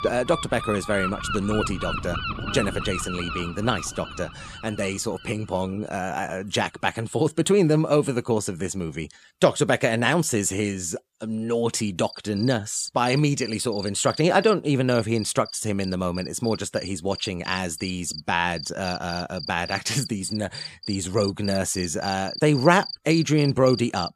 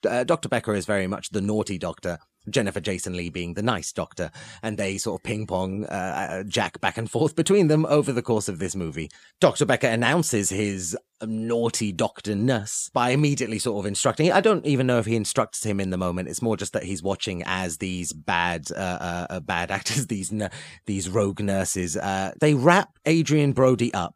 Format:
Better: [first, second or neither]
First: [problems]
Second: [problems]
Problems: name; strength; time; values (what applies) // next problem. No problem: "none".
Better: second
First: animal sounds; noticeable; throughout; 10 dB below the speech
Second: none